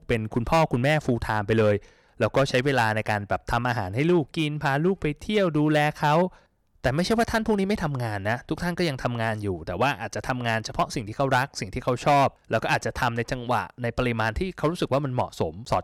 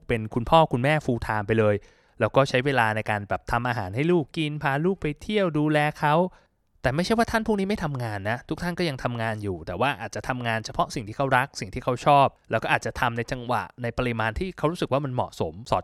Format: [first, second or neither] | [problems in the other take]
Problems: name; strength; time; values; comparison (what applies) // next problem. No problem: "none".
second | distortion; slight; 3% of the sound clipped